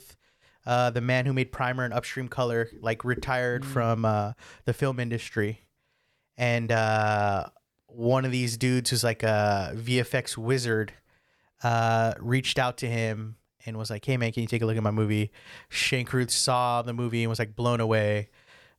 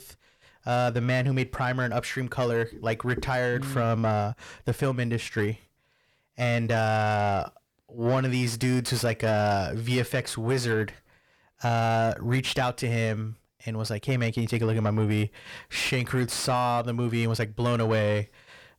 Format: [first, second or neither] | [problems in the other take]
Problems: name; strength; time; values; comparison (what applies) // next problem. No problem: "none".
first | distortion; slight; 10 dB below the speech